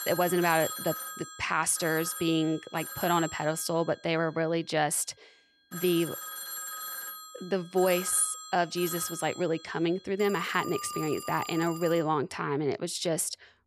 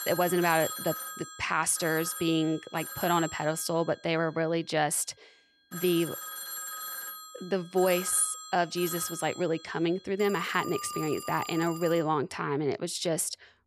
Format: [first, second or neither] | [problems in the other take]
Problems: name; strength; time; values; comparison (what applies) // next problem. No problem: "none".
neither | alarms or sirens; loud; throughout; 9 dB below the speech; the same in both